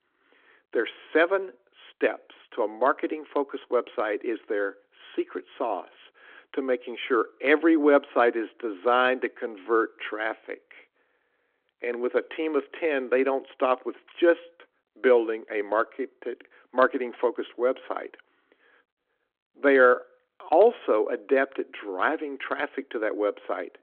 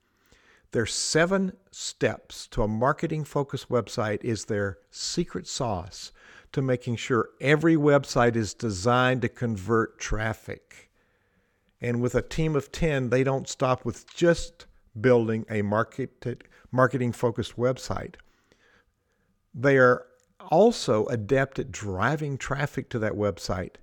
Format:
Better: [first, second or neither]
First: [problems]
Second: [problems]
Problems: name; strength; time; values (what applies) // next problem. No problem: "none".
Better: second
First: phone-call audio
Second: none